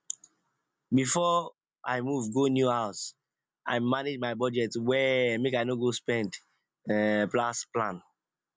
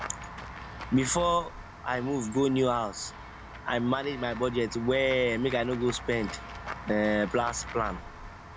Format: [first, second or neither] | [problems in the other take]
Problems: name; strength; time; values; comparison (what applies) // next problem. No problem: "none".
first | background sound (Walk, footsteps / Run / Bell); 12 dB below the speech